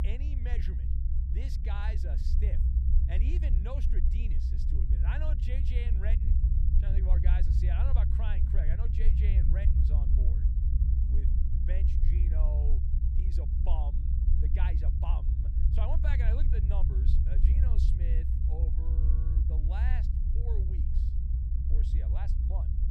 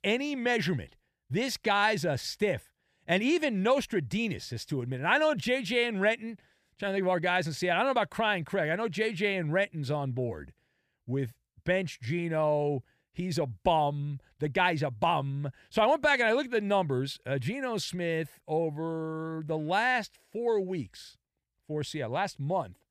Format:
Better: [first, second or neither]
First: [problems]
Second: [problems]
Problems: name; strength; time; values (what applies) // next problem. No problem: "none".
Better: second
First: low rumble; loud; throughout; 1 dB below the speech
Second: none